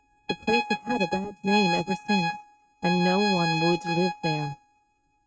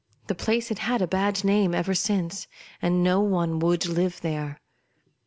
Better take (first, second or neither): second